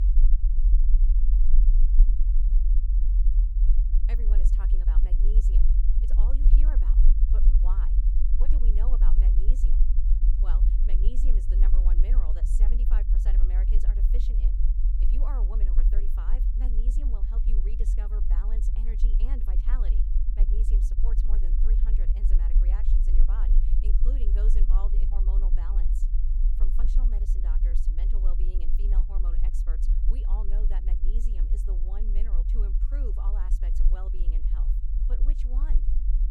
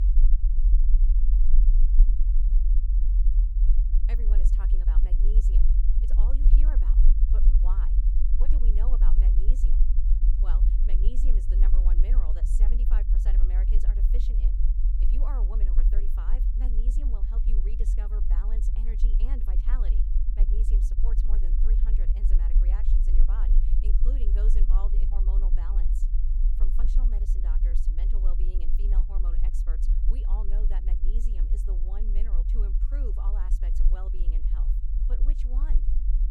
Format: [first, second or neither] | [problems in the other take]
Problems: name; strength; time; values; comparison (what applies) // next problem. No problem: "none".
neither | low rumble; loud; throughout; 1 dB below the speech; the same in both